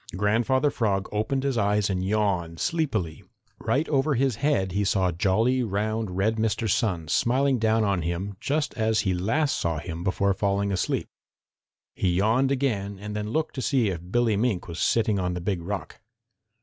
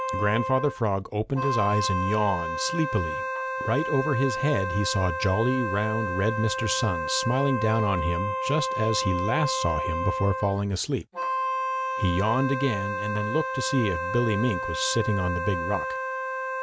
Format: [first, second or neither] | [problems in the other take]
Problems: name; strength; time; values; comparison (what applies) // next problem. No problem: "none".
first | background sound (Wind instrument, woodwind instrument); 3 dB below the speech